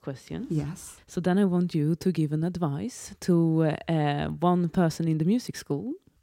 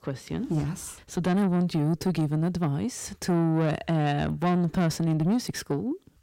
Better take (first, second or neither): first